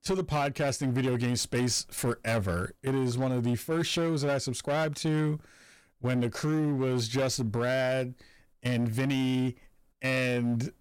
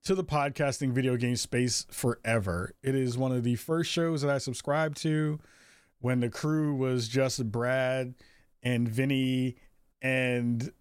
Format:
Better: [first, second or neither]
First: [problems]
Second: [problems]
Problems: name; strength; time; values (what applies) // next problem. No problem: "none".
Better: second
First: distortion; slight; 15% of the sound clipped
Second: none